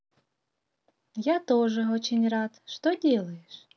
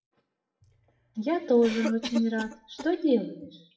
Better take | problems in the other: first | noise reduction (classical method WPE with log-MMSE)

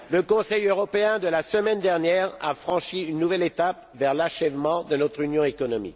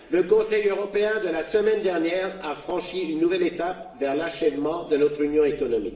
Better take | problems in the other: first | room echo; dies away in 0.8 s

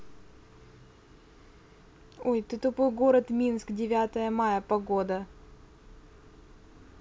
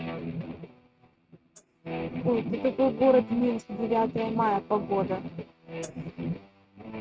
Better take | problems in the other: first | noise reduction (neural mask model RNNoise)

